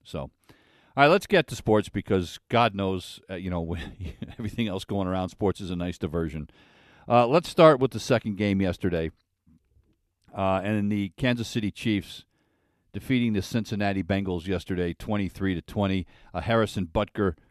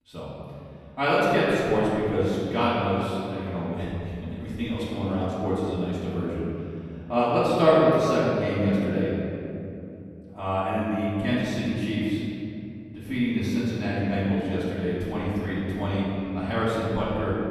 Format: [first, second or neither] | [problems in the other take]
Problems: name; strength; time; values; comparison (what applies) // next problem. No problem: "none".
first | off-mic speech; far // room echo; strong; dies away in 2.6 s